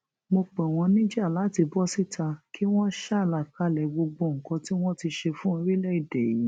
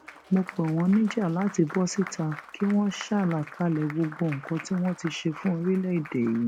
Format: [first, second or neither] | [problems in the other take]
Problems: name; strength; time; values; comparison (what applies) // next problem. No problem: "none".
first | background sound (Applause); 17 dB below the speech